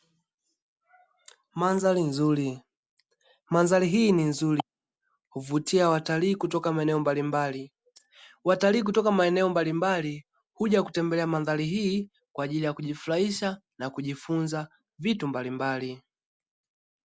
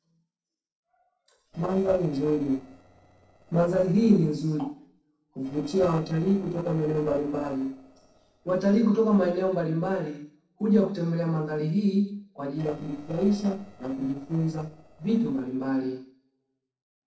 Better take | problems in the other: first | noise reduction (neural separator model SepFormer DNS4)

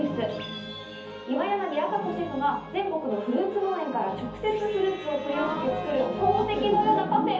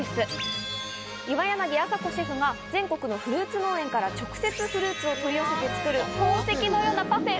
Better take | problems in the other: second | background sound (Wind instrument, woodwind instrument); 13 dB below the speech // room echo; dies away in 0.5 s

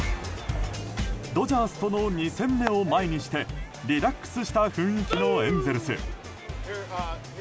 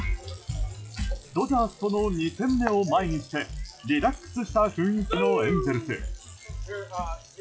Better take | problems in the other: first | noise reduction (classical method log-MMSE)

